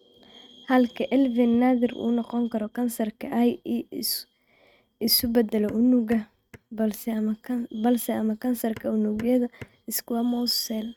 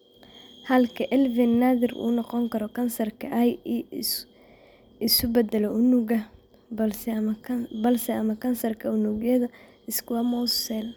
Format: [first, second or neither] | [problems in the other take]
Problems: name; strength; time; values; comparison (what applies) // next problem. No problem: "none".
second | noise reduction (neural mask model RNNoise)